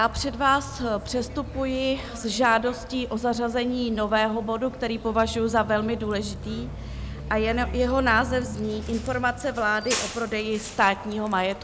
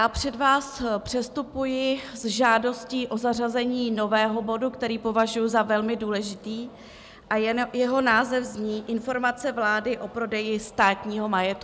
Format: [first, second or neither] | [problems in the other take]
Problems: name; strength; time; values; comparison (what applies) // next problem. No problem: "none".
second | background sound (Bus); 11 dB below the speech